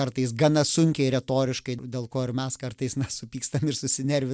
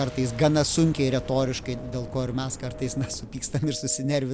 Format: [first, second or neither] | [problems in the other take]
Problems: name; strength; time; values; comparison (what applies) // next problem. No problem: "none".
first | background sound (Boom + Telephone); 13 dB below the speech